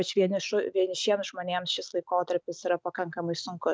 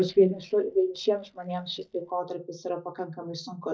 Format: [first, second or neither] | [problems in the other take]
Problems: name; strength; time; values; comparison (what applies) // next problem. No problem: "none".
first | noise reduction (neural mask model DeepFilterNet 3)